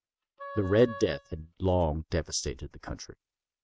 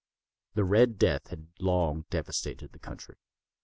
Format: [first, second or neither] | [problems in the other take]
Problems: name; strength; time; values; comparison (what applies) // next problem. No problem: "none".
second | noise reduction (neural mask model RNNoise)